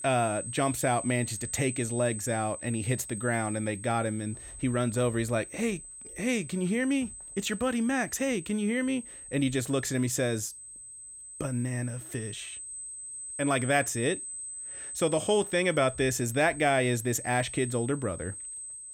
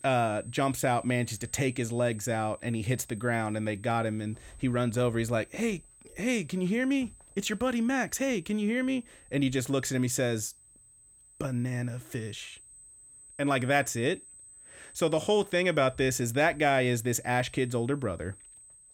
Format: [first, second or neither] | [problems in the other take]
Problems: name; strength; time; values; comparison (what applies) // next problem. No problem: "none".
second | high-pitched whine; loud; throughout; 8 kHz, 10 dB below the speech; faint in the second